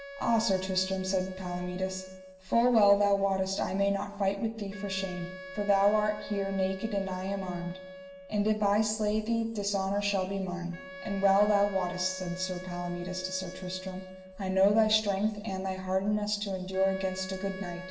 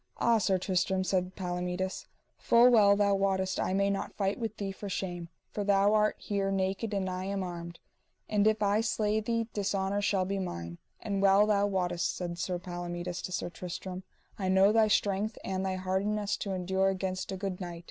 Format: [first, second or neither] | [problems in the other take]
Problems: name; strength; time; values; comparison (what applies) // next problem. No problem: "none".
second | background sound (Wind instrument, woodwind instrument); 16 dB below the speech // room echo; dies away in 0.9 s